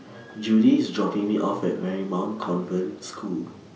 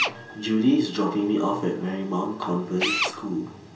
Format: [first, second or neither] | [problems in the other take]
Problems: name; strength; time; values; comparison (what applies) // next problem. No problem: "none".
first | background sound (Drill); 8 dB below the speech // room echo; dies away in 0.2 s